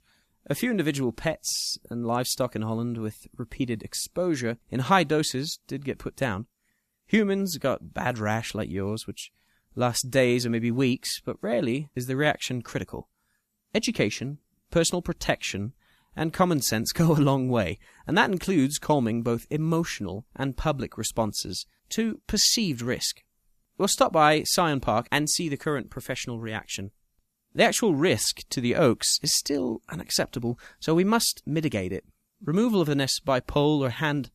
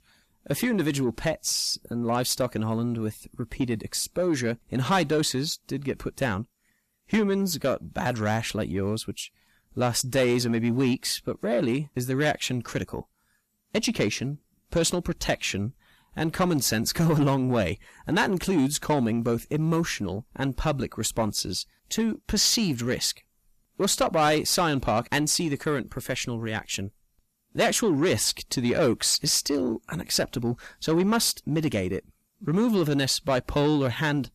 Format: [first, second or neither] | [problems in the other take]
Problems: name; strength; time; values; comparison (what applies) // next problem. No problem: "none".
first | distortion; slight; 10 dB below the speech